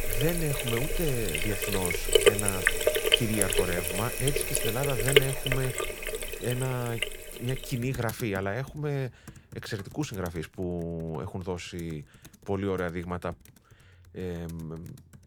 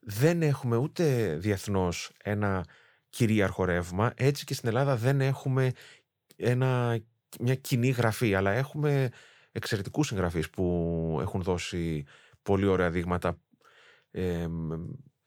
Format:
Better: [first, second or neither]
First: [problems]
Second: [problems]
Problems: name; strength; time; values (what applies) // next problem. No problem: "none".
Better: second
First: household noises; very loud; throughout; 5 dB above the speech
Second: none